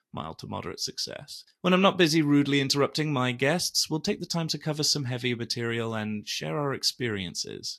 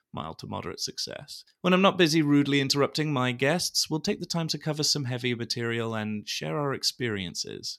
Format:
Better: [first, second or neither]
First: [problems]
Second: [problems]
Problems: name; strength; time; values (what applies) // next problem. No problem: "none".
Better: second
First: garbled, watery; slightly; nothing above 12.5 kHz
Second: none